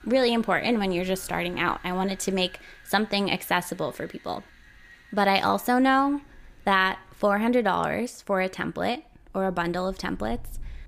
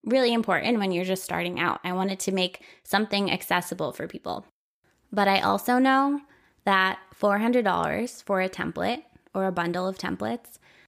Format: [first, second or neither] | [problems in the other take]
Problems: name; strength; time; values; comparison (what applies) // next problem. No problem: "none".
second | wind in the background; faint; throughout; 25 dB below the speech